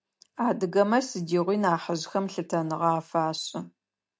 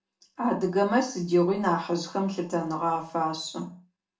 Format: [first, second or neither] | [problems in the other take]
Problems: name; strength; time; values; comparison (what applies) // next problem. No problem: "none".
first | room echo; dies away in 0.3 s